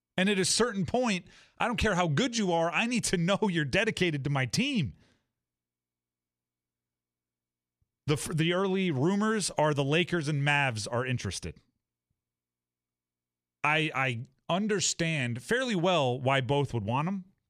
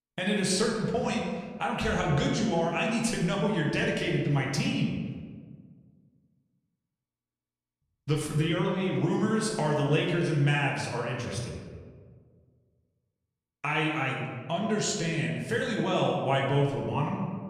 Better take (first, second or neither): first